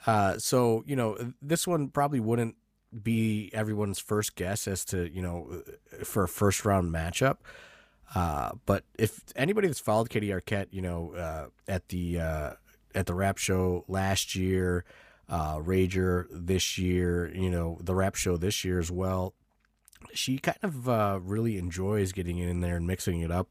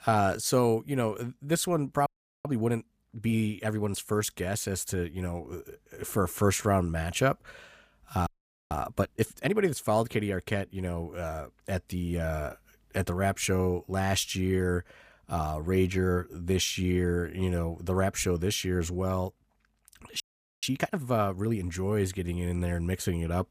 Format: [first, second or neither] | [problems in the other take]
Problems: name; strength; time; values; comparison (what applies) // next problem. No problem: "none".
first | audio freezing; at 2 s, at 8.5 s and at 20 s